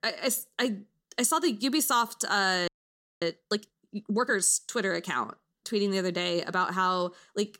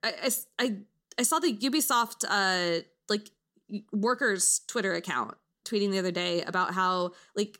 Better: second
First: audio freezing; at 2.5 s for 0.5 s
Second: none

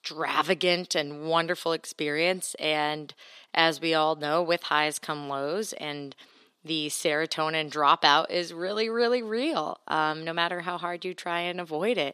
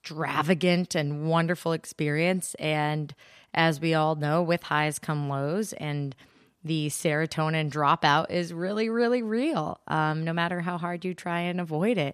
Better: second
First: thin; somewhat; fading below 350 Hz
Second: none

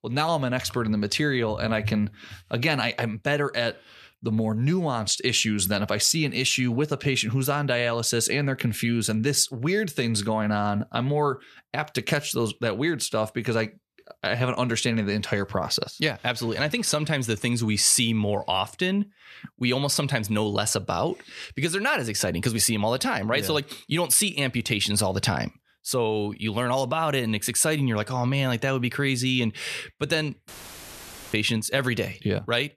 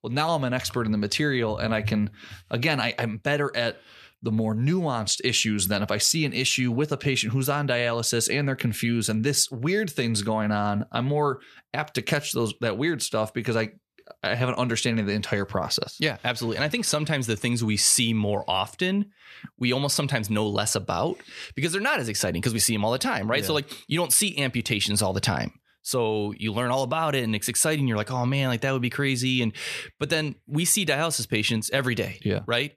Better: second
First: audio cutting out; filled with static; at 30 s for 1 s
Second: none

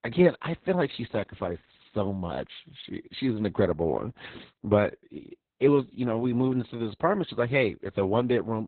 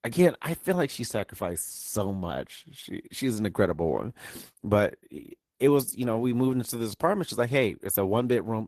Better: second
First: garbled, watery; badly; nothing above 4 kHz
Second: garbled, watery; slightly; nothing above 13.5 kHz

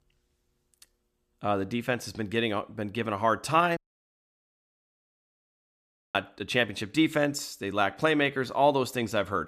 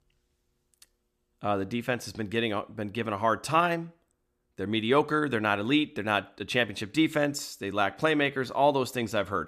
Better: second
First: audio cutting out; at 4 s for 2.5 s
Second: none

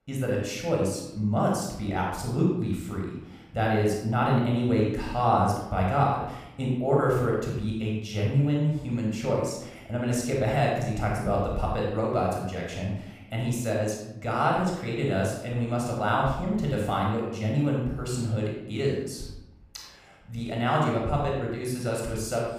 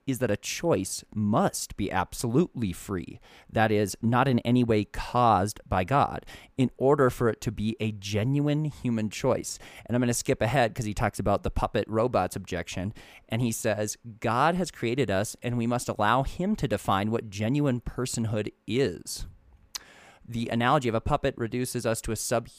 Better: second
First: room echo; noticeable; dies away in 0.7 s // off-mic speech; somewhat distant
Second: none

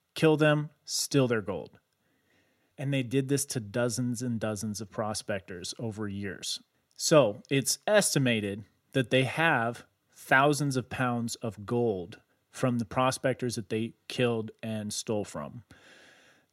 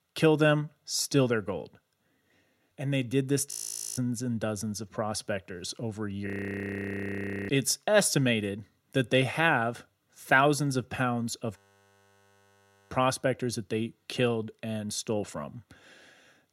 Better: first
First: none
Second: audio freezing; at 3.5 s, at 6.5 s for 1 s and at 12 s for 1.5 s

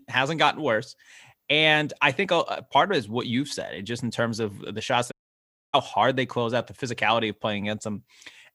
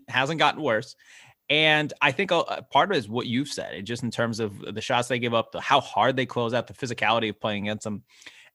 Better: second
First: audio cutting out; at 5 s for 0.5 s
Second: none

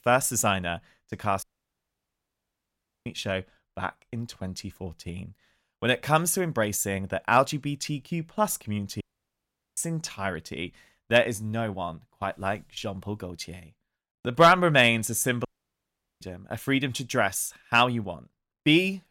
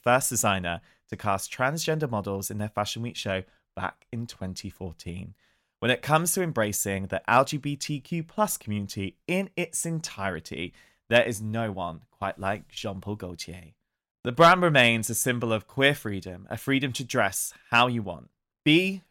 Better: second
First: audio cutting out; at 1.5 s for 1.5 s, at 9 s for 1 s and at 15 s for 1 s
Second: none

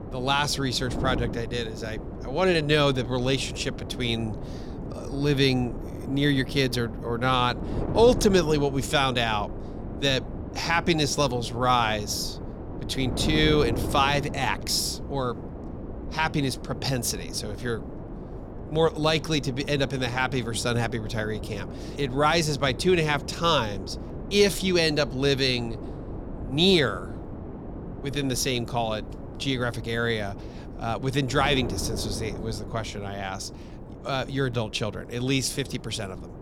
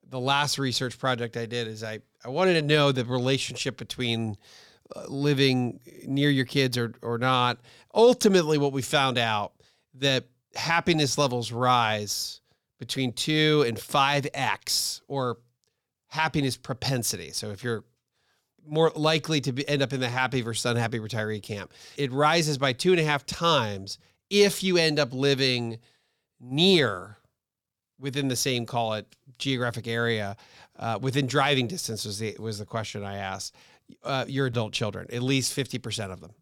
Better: second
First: wind noise on the microphone; occasional gusts; 15 dB below the speech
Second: none

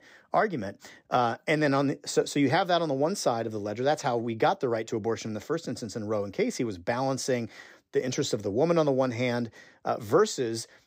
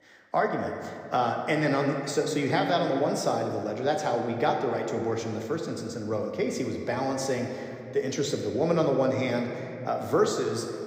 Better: first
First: none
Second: room echo; slight; dies away in 2 s

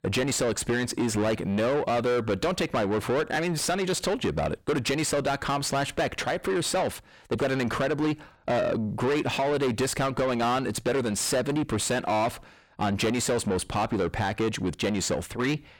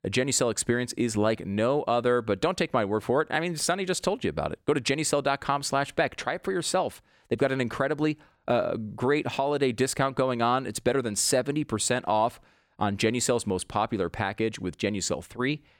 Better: second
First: distortion; heavy; 6 dB below the speech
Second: none

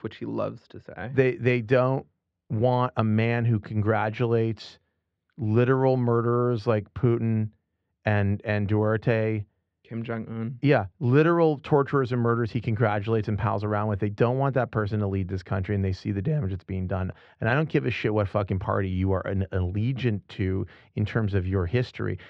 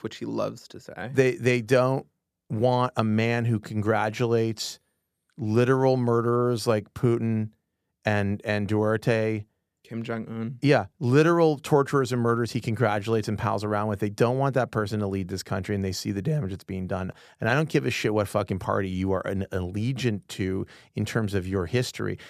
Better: second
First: muffled; slightly; fading above 3 kHz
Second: none

